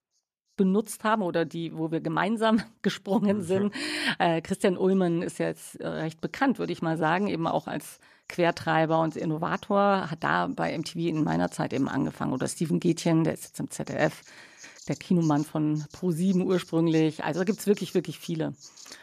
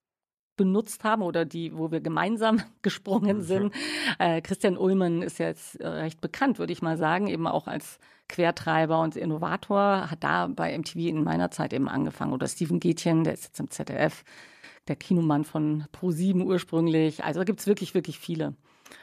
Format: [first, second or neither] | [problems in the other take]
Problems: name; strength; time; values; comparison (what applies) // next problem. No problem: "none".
second | animal sounds; faint; throughout; 25 dB below the speech